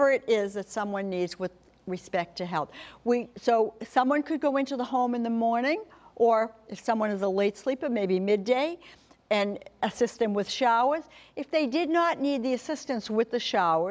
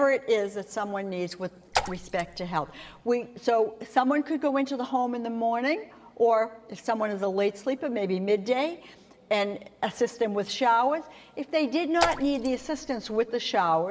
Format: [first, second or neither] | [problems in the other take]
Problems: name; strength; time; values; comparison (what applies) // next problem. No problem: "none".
first | background sound (Raindrop / Splash, splatter); 7 dB below the speech // room echo; dies away in 2 s